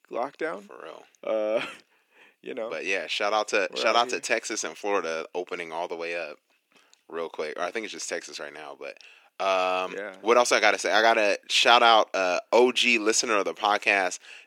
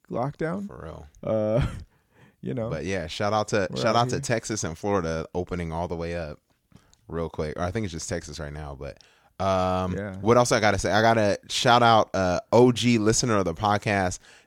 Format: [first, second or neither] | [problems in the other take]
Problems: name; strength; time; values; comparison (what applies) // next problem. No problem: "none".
second | thin; somewhat; fading below 300 Hz